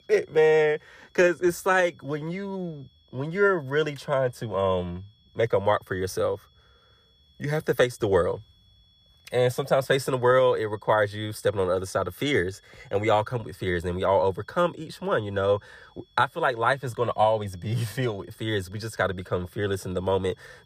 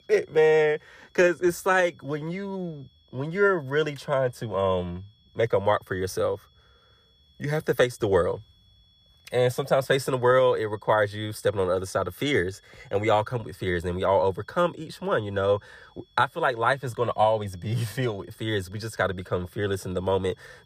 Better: neither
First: high-pitched whine; faint; throughout; 3.5 kHz, 35 dB below the speech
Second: high-pitched whine; faint; throughout; 3.5 kHz, 35 dB below the speech

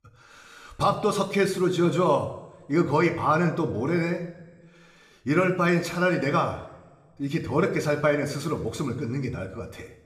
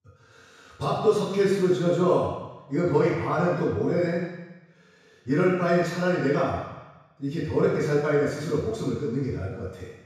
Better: first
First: room echo; slight; dies away in 1 s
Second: room echo; strong; dies away in 1.1 s // off-mic speech; far

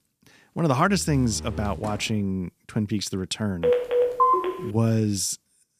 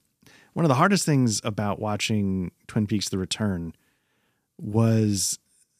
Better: second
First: door banging; noticeable; from 1 to 2 s; peak 10 dB below the speech // phone ringing; loud; from 3.5 to 4.5 s; peak 6 dB above the speech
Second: none

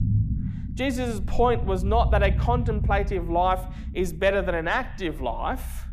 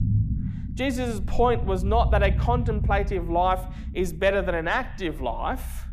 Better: neither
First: low rumble; noticeable; throughout; 20 dB below the speech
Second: low rumble; noticeable; throughout; 20 dB below the speech

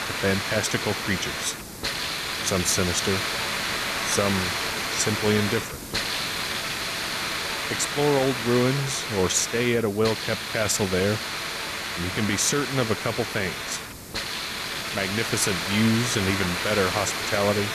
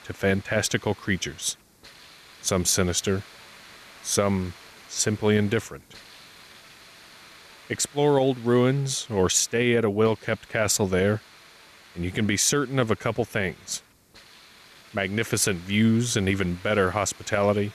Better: second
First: hiss; loud; throughout; 2 dB below the speech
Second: hiss; faint; throughout; 25 dB below the speech

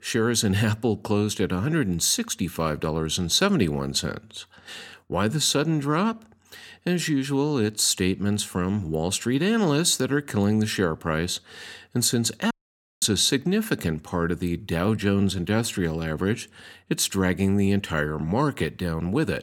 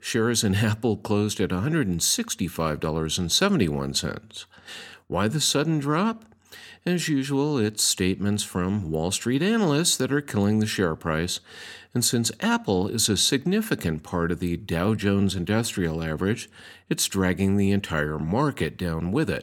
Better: second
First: audio cutting out; at 13 s for 0.5 s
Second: none

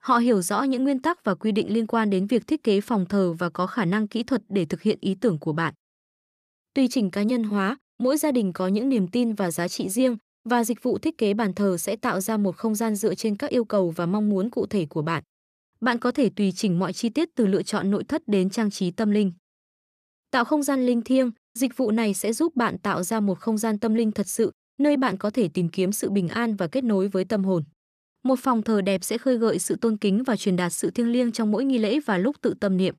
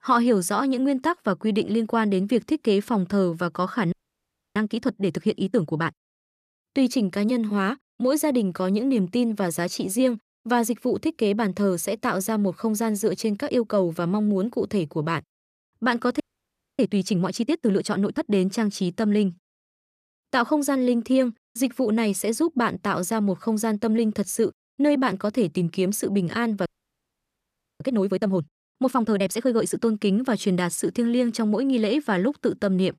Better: first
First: none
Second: audio freezing; at 4 s for 0.5 s, at 16 s for 0.5 s and at 27 s for 1 s

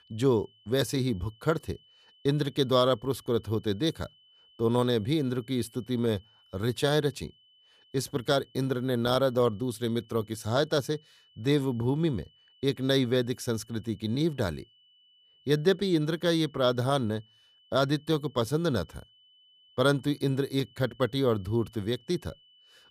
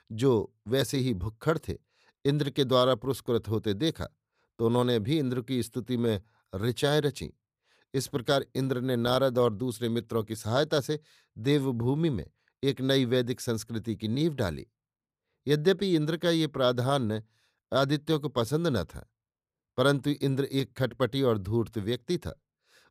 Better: second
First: high-pitched whine; faint; throughout; 3 kHz, 30 dB below the speech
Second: none

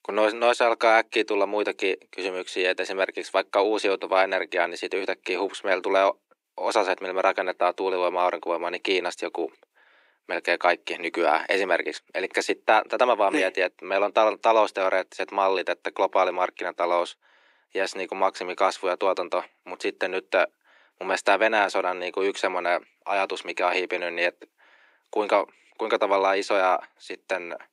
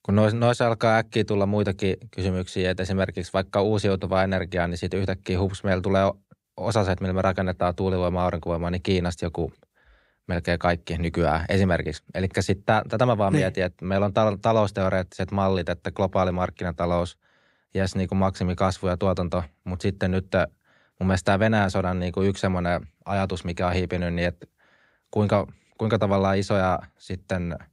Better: second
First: thin; very; fading below 300 Hz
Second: none

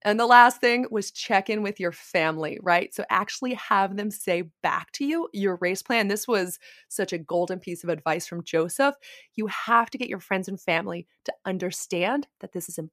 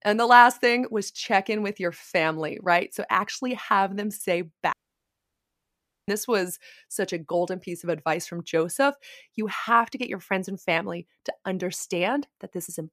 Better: first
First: none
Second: audio cutting out; at 4.5 s for 1.5 s

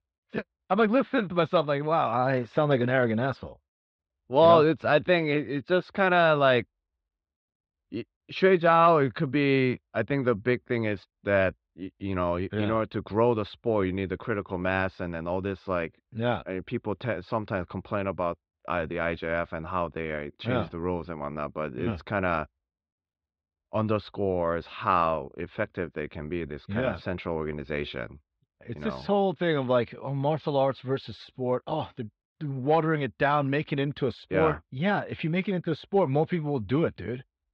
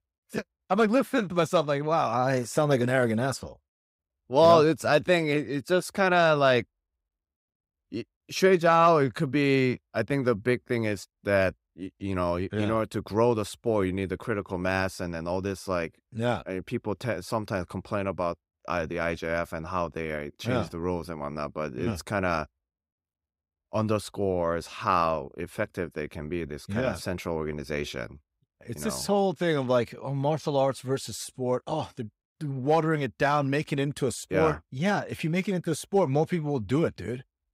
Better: second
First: muffled; slightly; fading above 4 kHz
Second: none

